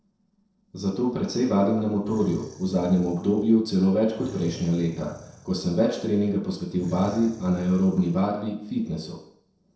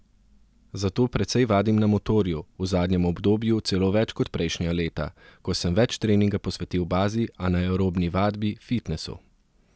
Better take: second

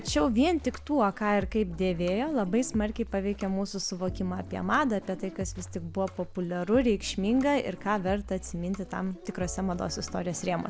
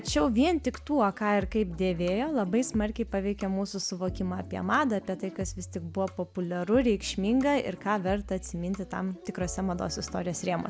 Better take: second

